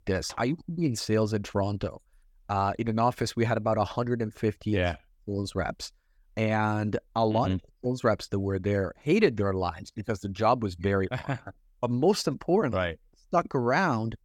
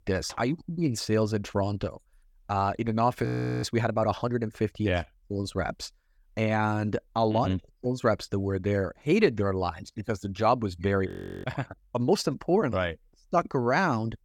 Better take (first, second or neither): first